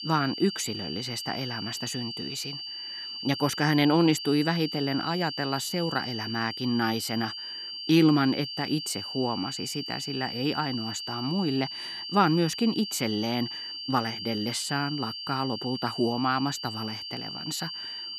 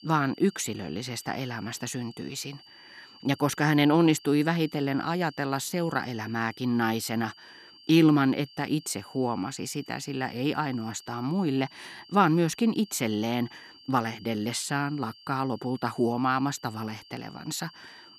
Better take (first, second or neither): second